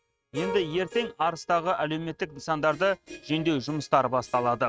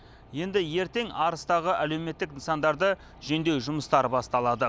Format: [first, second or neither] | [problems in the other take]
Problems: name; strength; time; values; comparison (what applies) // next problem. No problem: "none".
second | noise reduction (neural mask model RNNoise)